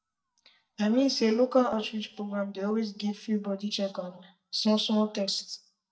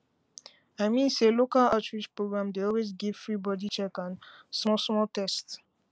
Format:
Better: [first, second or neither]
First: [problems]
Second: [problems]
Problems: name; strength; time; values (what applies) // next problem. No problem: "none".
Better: second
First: noise reduction (neural mask model DeepFilterNet 3)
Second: none